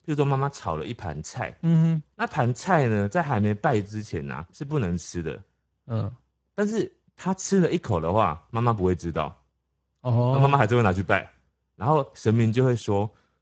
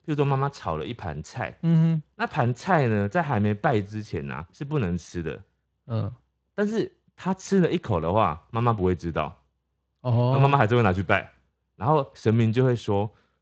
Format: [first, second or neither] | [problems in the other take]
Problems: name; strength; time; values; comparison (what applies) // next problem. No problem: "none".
second | garbled, watery; badly; nothing above 7.5 kHz; slightly in the second